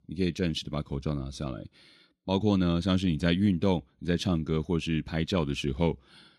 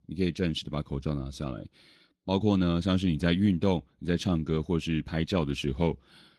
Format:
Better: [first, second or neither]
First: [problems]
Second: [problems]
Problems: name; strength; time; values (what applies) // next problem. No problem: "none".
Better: first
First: none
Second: garbled, watery; slightly; nothing above 12 kHz